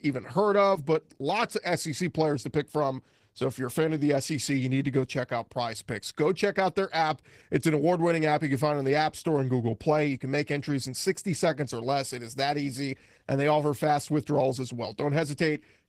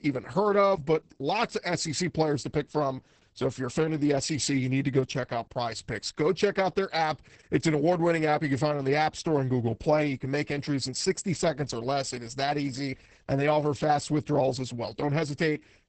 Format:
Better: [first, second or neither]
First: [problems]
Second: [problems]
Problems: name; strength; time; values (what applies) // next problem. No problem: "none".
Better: first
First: garbled, watery; slightly; nothing above 15.5 kHz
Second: garbled, watery; badly; nothing above 8 kHz